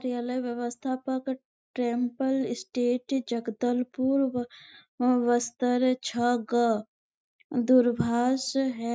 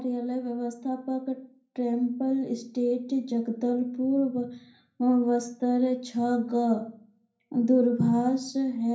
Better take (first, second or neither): first